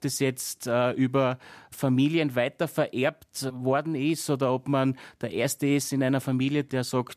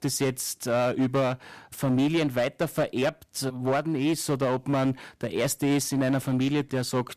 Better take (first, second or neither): first